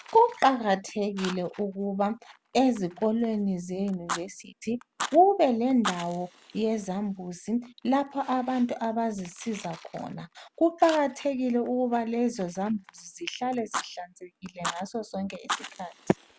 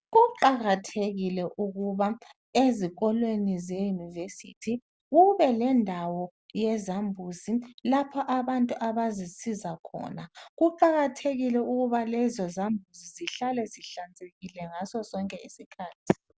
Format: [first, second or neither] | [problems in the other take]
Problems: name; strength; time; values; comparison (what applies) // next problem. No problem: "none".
second | background sound (Fire); 14 dB below the speech